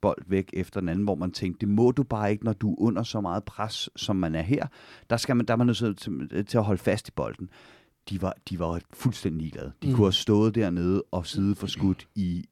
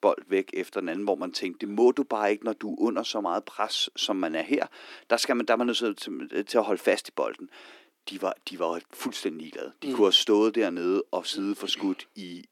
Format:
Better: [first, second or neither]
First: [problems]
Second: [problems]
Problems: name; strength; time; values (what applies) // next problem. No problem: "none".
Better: first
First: none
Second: thin; somewhat; fading below 300 Hz